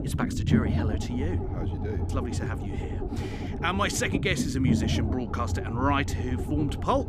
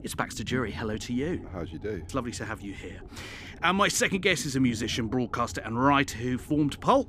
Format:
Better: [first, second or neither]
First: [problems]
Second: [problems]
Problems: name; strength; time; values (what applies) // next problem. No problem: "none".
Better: second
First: low rumble; loud; throughout; 6 dB below the speech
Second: low rumble; faint; throughout; 25 dB below the speech